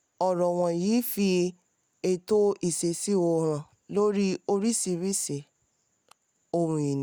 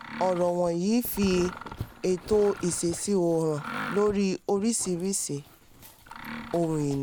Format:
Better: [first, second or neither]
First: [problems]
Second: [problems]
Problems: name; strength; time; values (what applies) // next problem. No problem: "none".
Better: first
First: none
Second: background sound (Dog + Mechanisms); 13 dB below the speech